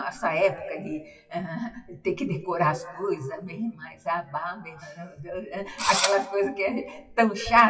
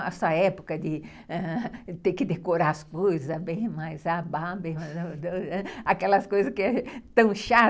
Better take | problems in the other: second | noise reduction (classical method WPE with log-MMSE)

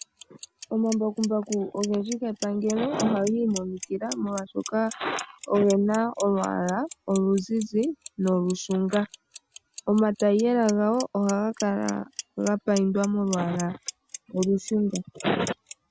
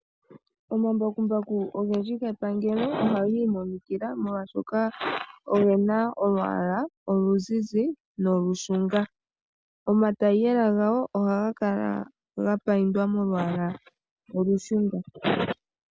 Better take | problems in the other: second | background sound (Clock); 16 dB below the speech

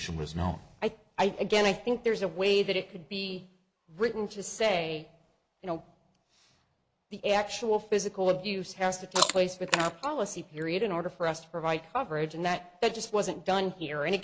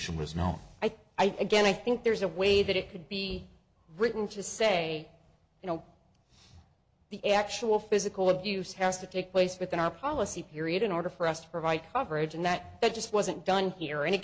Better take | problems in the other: second | noise reduction (neural mask model Resemble Enhance denoiser)

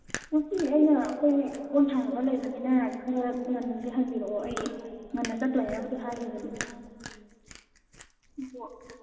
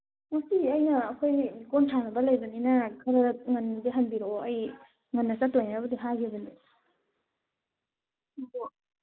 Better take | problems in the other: second | background sound (Chewing, mastication); 17 dB below the speech // room echo; dies away in 2.7 s

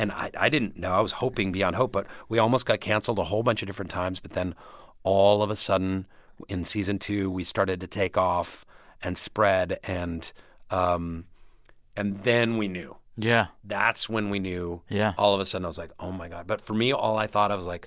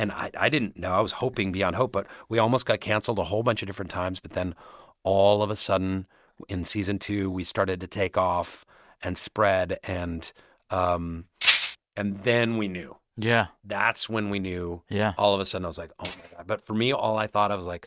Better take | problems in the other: first | noise reduction (neural mask model RNNoise)

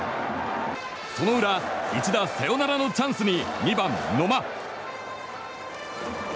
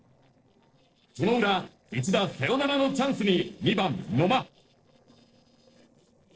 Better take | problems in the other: first | noise reduction (neural separator model SepFormer DNS4)

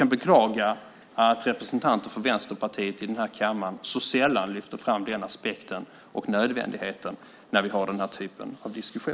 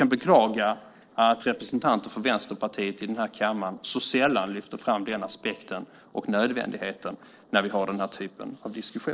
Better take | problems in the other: first | noise reduction (neural separator model SepFormer DNS4)

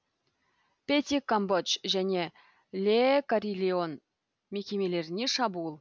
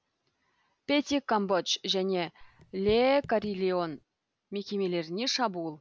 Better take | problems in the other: first | background sound (Raindrop / Drip); 19 dB below the speech

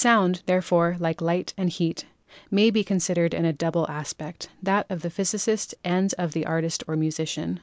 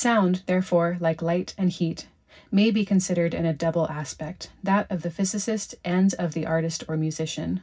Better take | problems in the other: first | room echo; dies away in 0.4 s

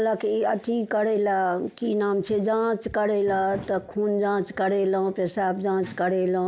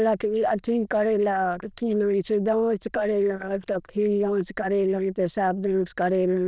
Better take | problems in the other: first | noise reduction (neural diffusion model UNIVERSE++)

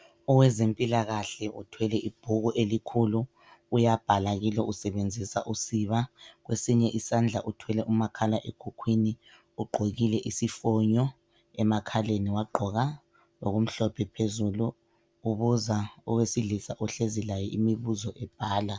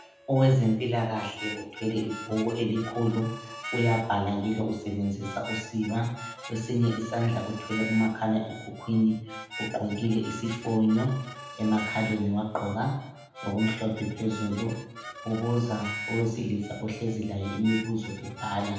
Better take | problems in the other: first | background sound (Harmonica); 13 dB below the speech // room echo; dies away in 0.8 s

